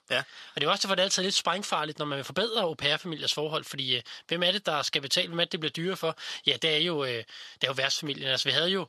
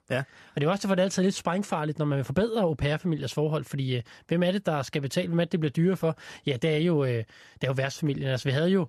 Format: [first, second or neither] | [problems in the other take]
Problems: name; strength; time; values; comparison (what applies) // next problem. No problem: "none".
second | thin; somewhat; fading below 750 Hz